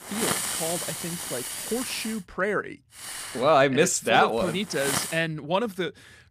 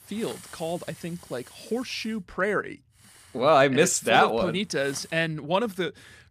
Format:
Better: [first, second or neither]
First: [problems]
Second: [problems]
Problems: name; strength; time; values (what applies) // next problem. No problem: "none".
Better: second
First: hiss; loud; until 2 s and from 3 to 5 s; 5 dB below the speech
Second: hiss; faint; until 2 s and from 3 to 5 s; 20 dB below the speech